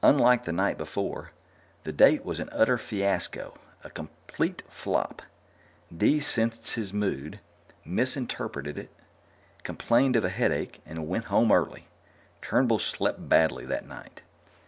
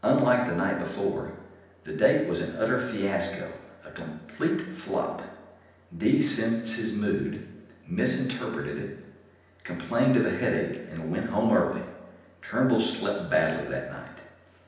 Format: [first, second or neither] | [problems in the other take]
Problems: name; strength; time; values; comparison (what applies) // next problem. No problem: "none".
first | room echo; dies away in 0.9 s